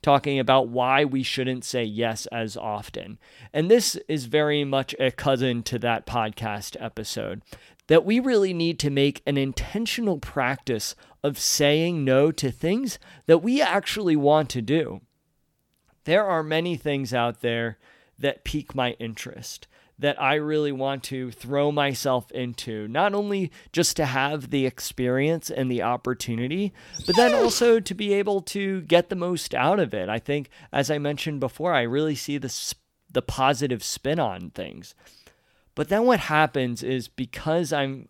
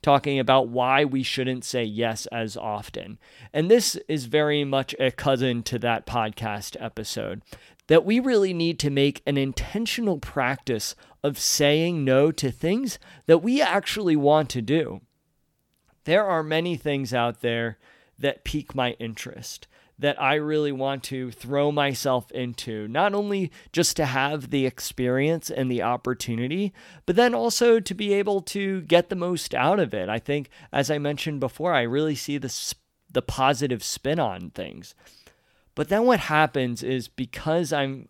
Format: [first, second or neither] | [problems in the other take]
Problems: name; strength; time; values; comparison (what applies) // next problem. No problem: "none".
second | dog barking; loud; at 27 s; peak 2 dB above the speech